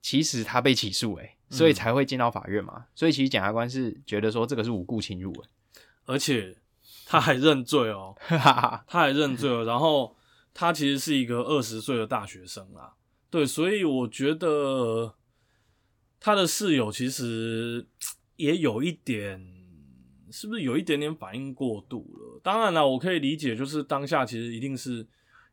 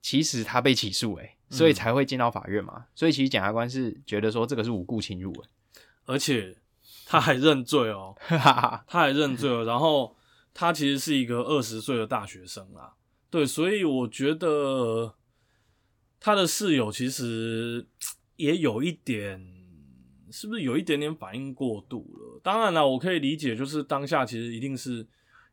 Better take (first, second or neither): neither